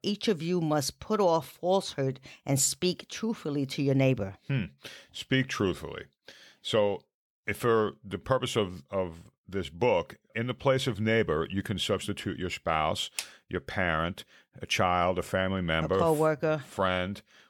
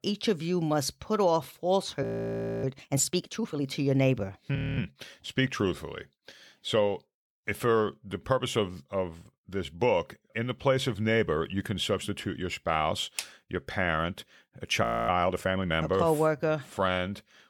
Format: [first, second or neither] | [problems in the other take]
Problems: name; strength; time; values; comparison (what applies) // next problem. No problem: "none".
first | audio freezing; at 2 s for 0.5 s, at 4.5 s and at 15 s